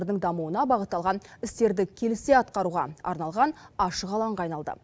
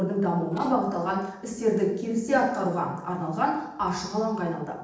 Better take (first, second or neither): first